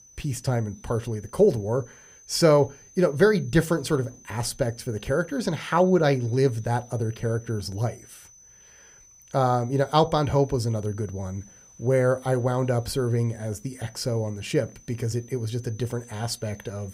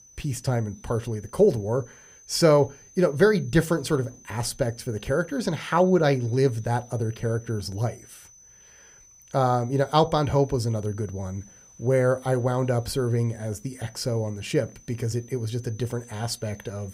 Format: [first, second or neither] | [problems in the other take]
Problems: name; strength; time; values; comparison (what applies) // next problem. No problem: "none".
neither | high-pitched whine; faint; throughout; 6 kHz, 25 dB below the speech; the same in both